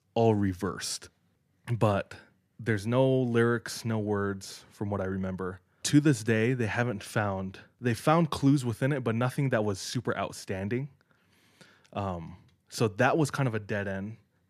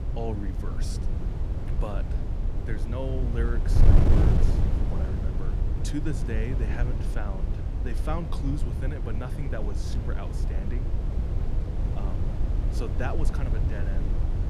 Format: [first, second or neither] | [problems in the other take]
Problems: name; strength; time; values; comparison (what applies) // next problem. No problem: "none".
first | wind noise on the microphone; heavy; 1 dB below the speech